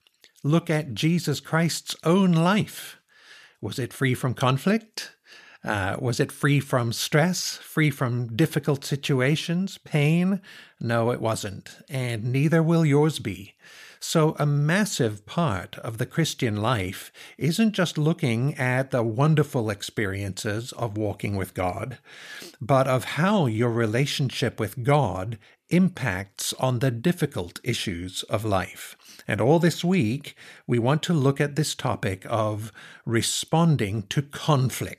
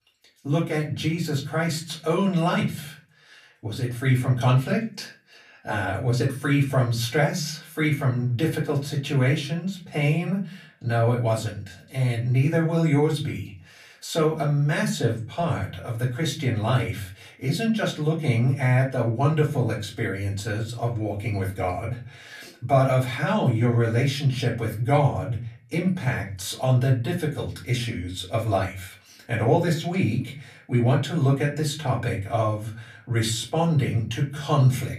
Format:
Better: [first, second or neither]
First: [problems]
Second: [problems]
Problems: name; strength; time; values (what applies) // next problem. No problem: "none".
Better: first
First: none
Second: off-mic speech; far // room echo; very slight; dies away in 0.4 s